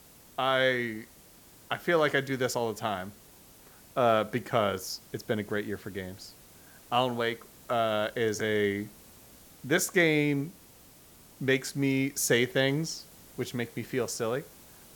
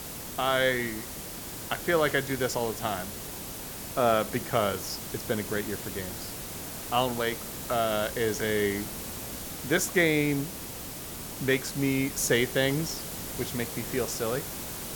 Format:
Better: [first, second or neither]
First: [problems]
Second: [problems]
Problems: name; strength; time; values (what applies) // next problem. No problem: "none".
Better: first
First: hiss; faint; throughout; 25 dB below the speech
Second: hiss; loud; throughout; 7 dB below the speech